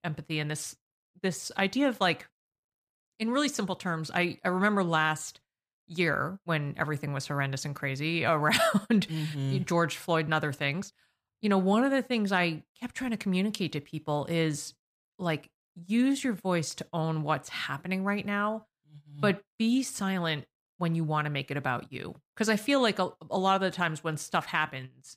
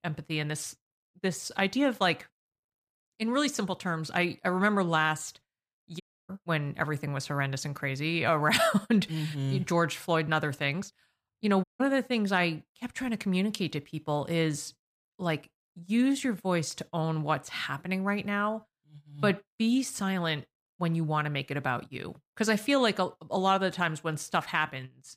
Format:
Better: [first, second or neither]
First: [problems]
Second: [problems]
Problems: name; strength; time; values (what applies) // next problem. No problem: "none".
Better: first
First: none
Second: audio cutting out; at 6 s and at 12 s